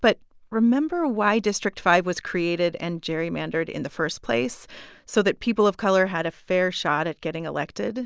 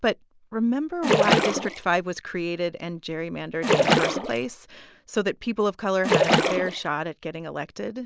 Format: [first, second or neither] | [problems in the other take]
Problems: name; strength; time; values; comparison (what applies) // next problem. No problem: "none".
first | background sound (Splash, splatter); 5 dB above the speech